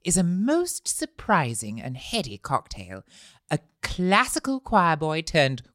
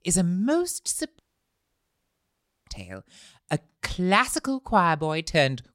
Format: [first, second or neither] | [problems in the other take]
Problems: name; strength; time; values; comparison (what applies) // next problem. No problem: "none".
first | audio cutting out; at 1 s for 1.5 s